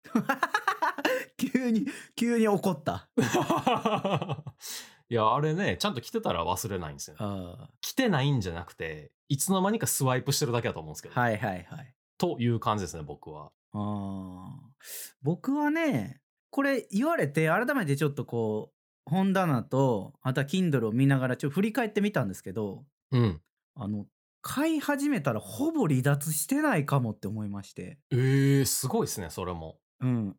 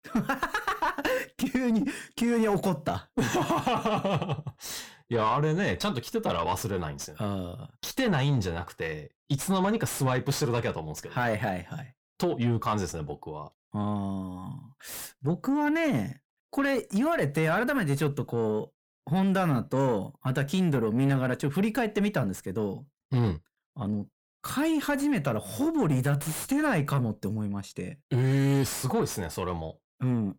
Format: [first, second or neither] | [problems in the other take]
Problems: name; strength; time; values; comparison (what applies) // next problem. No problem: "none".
first | distortion; slight; 10 dB below the speech